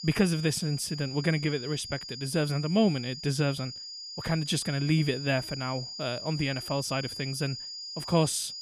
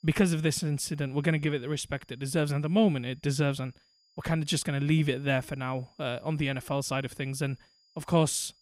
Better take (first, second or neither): second